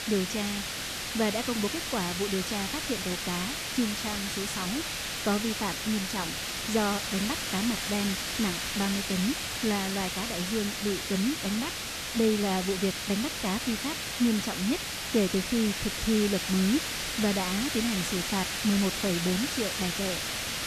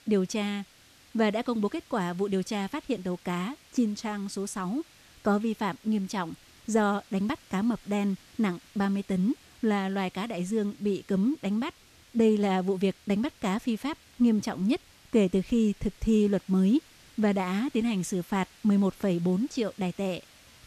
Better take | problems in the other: second | hiss; loud; throughout; 1 dB below the speech; faint in the second

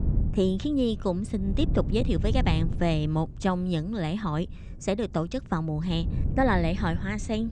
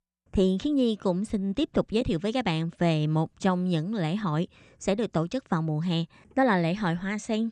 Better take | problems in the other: second | wind noise on the microphone; occasional gusts; 15 dB below the speech

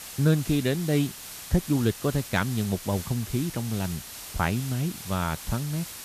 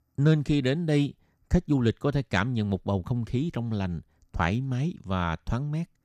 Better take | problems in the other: second | hiss; noticeable; throughout; 10 dB below the speech

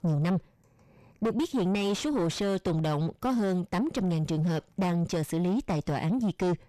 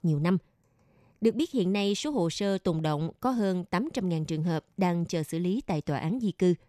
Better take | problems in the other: second | distortion; heavy; 7 dB below the speech

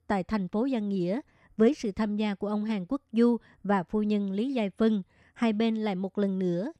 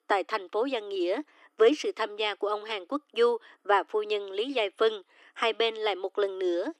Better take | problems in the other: first | thin; very; fading below 300 Hz

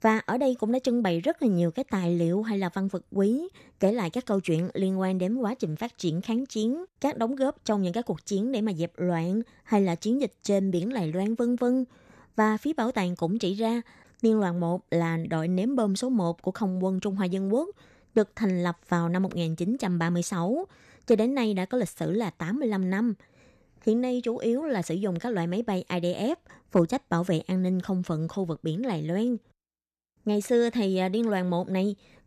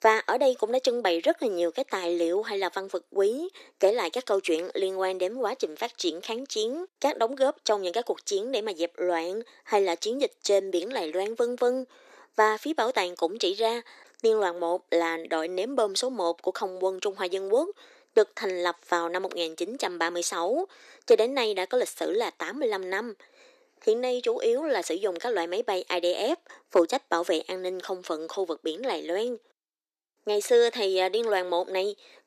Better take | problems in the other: first | thin; very; fading below 350 Hz

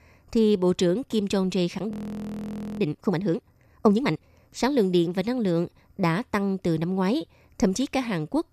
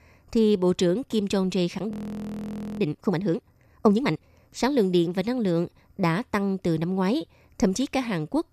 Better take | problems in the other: neither | audio freezing; at 2 s for 1 s; the same in both

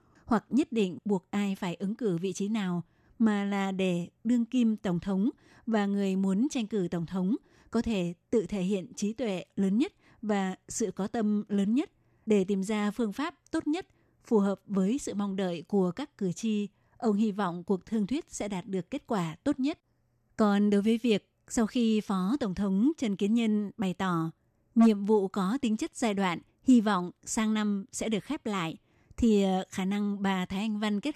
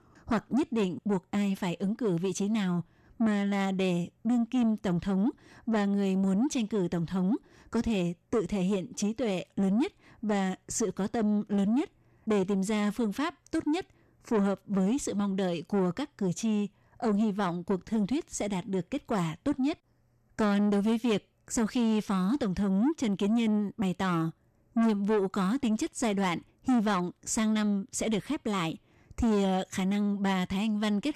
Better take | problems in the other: first | distortion; slight; 10 dB below the speech

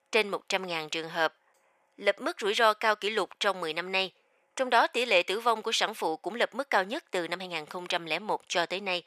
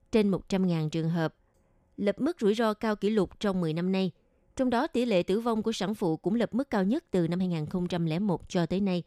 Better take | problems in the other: second | thin; very; fading below 800 Hz

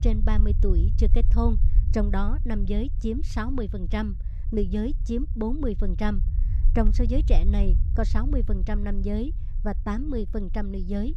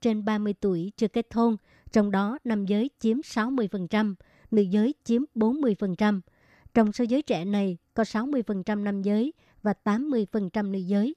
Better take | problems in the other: second | low rumble; noticeable; throughout; 15 dB below the speech

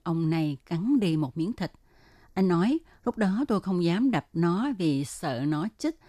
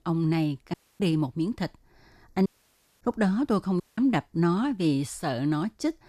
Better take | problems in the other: first | audio cutting out; at 0.5 s, at 2.5 s for 0.5 s and at 4 s

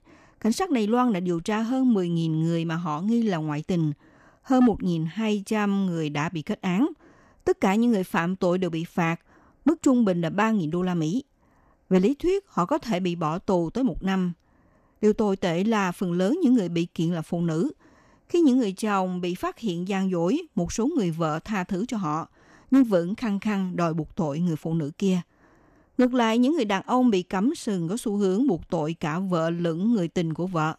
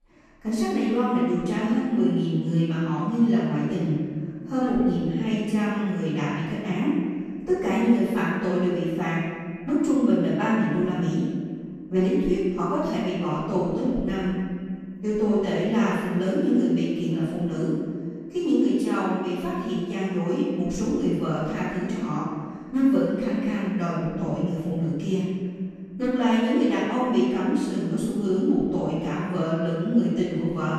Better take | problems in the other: first | room echo; strong; dies away in 1.7 s // off-mic speech; far

